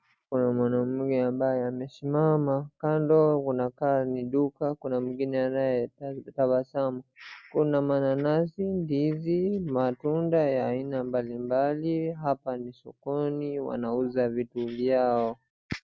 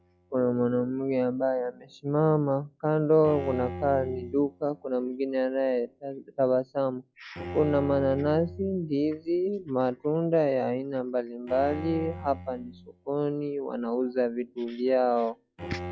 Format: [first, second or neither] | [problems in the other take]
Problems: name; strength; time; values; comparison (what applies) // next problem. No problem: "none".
first | noise reduction (classical method log-MMSE)